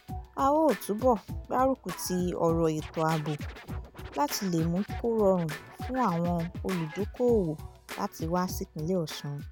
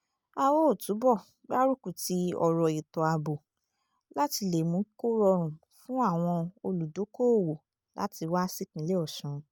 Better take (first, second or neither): second